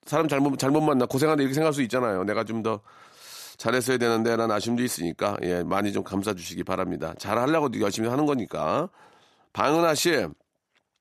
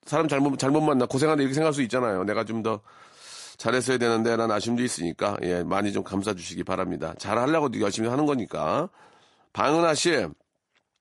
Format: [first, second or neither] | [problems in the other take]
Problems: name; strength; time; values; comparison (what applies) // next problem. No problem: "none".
first | garbled, watery; slightly; nothing above 11 kHz